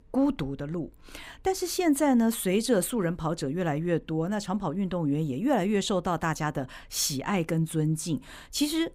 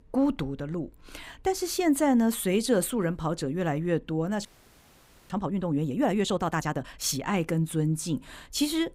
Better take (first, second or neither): first